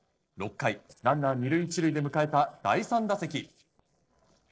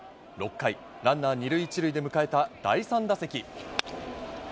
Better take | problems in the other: second | noise reduction (neural separator model SepFormer DNS4)

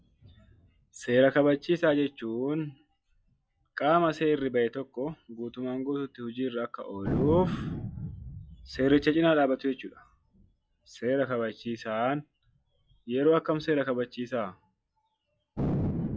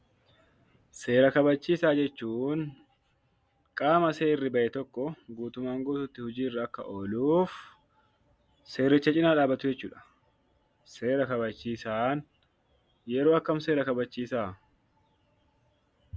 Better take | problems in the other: second | noise reduction (classical method log-MMSE)

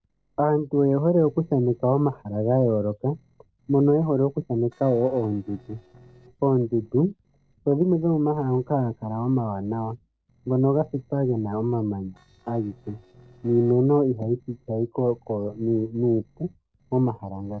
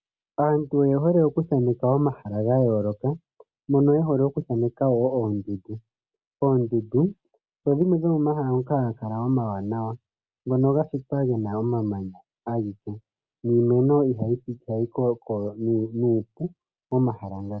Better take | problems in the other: second | noise reduction (neural separator model SepFormer DNS4)

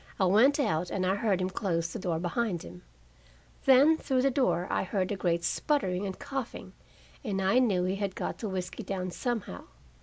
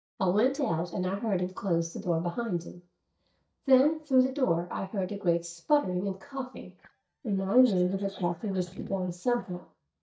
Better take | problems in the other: first | noise reduction (neural mask model DeepFilterNet 3)

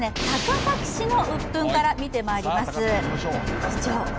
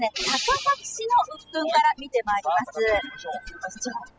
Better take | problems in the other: first | noise reduction (classical method spectral subtraction)

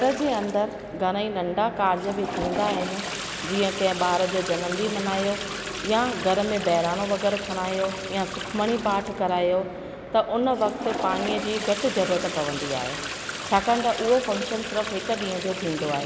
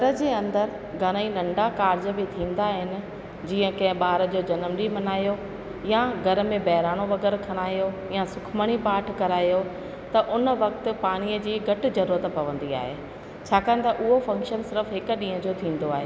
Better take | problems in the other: second | background sound (Toilet flush); 9 dB below the speech

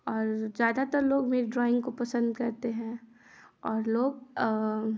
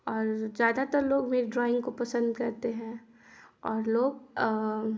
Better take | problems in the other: first | room echo; dies away in 0.4 s

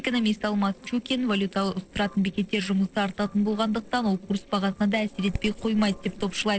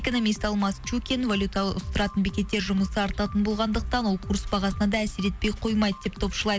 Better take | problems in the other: second | noise reduction (neural separator model SepFormer DNS4)

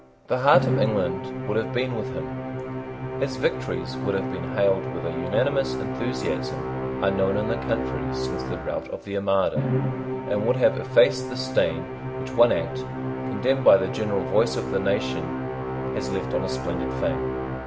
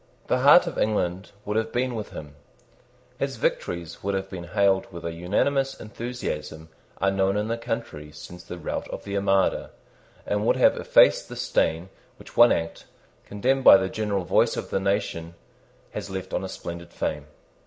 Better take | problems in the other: second | background sound (Musical instrument); 3 dB below the speech

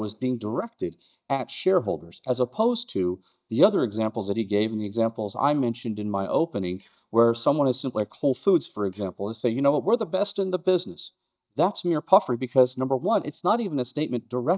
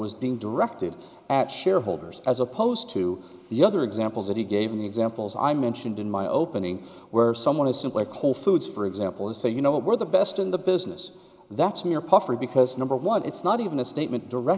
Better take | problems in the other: second | noise reduction (neural mask model DeepFilterNet 3)

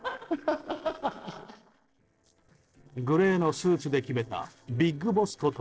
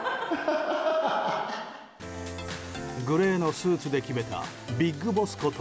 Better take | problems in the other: second | noise reduction (neural separator model SepFormer DNS4)

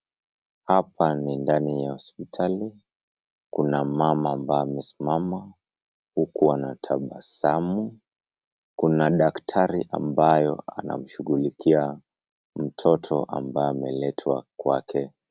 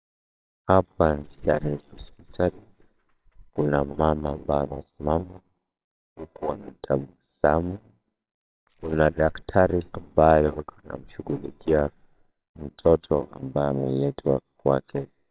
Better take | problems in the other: first | noise reduction (neural separator model SepFormer WHAMR!)

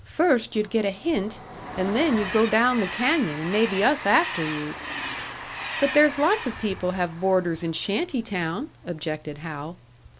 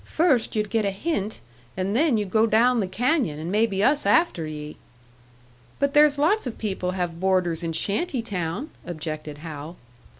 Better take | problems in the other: second | background sound (Train); 11 dB below the speech

